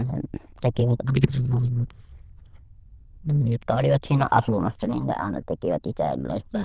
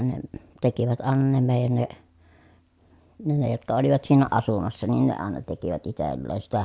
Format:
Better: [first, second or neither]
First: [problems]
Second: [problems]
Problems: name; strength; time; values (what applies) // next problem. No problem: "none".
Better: second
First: noise reduction (neural diffusion model UNIVERSE++)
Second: none